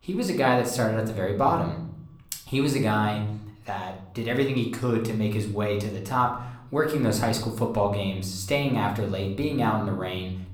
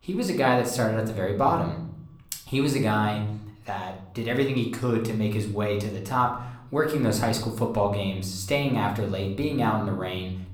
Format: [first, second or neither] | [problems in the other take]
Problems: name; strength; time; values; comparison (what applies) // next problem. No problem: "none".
neither | room echo; slight; dies away in 0.6 s; the same in both // off-mic speech; somewhat distant; the same in both